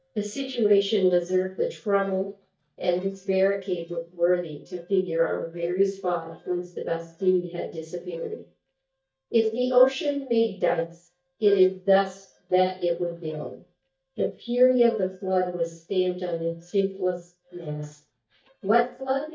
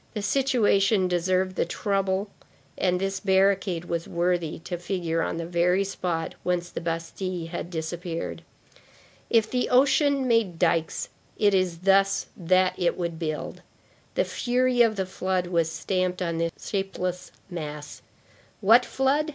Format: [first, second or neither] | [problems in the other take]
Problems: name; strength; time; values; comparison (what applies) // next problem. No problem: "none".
second | noise reduction (neural mask model DeepFilterNet 3)